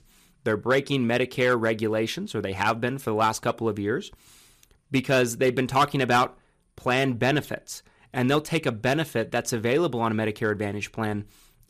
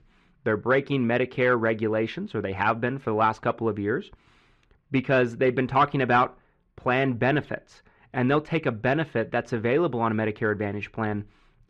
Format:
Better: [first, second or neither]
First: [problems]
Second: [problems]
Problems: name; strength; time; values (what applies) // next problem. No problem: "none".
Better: first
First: none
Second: muffled; very; fading above 2 kHz